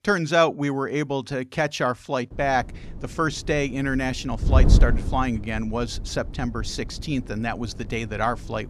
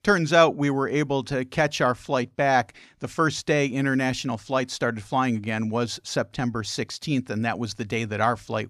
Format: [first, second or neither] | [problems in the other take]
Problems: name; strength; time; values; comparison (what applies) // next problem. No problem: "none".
second | wind noise on the microphone; occasional gusts; from 2.5 s on; 15 dB below the speech